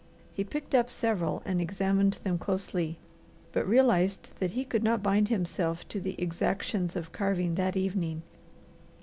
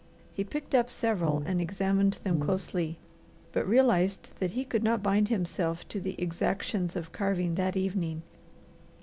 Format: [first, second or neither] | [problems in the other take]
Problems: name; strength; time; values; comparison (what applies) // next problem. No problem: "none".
first | background sound (Brass instrument); 5 dB below the speech